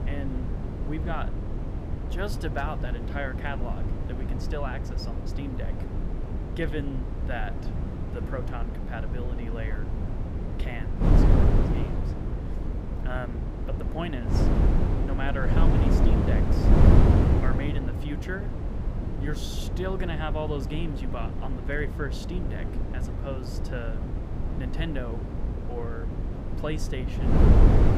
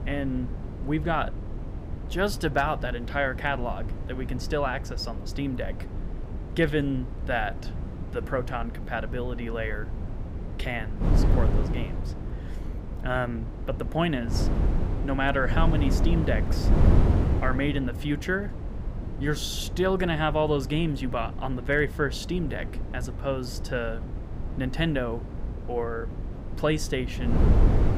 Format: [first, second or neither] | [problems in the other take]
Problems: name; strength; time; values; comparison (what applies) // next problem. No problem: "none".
second | wind noise on the microphone; heavy; as loud as the speech; occasional gusts in the second